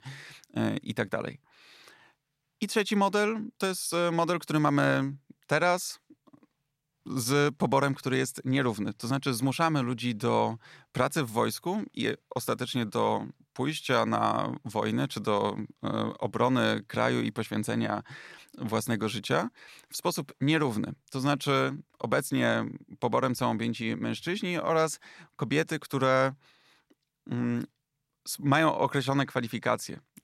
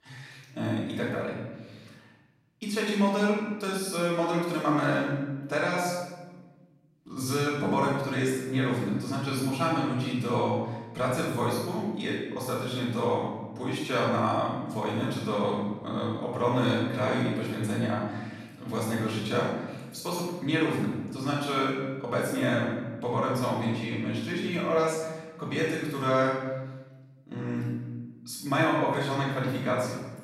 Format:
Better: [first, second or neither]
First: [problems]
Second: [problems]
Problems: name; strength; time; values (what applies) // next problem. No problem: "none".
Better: first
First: none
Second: room echo; strong; dies away in 1.1 s // off-mic speech; far